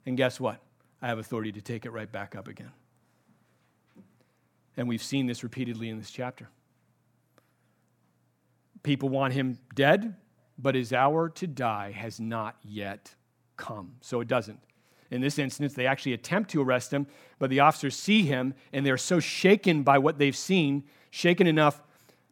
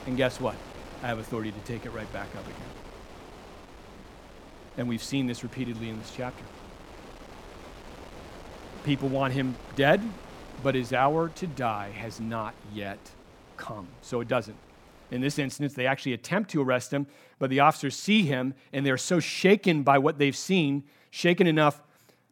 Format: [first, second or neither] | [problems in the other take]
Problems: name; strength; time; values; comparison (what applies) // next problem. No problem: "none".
first | wind noise on the microphone; occasional gusts; until 16 s; 20 dB below the speech